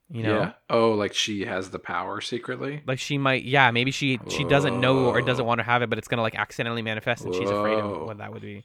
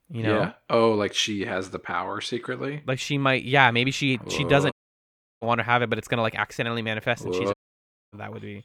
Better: first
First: none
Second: audio cutting out; at 4.5 s for 0.5 s and at 7.5 s for 0.5 s

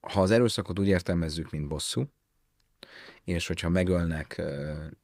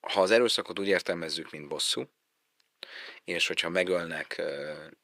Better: first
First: none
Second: thin; somewhat; fading below 450 Hz

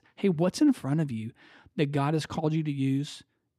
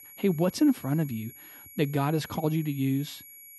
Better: first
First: none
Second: high-pitched whine; noticeable; throughout; 11.5 kHz, 20 dB below the speech

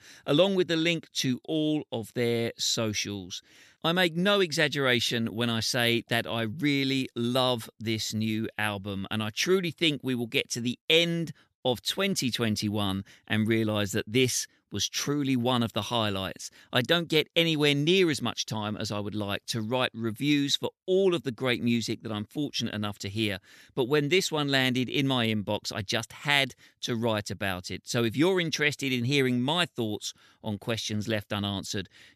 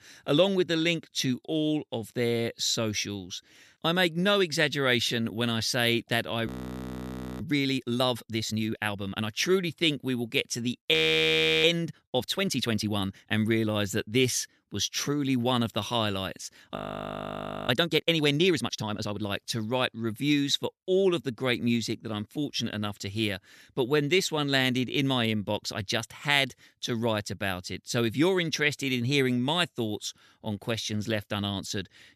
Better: first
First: none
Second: audio freezing; at 6.5 s for 1 s, at 11 s for 0.5 s and at 17 s for 1 s

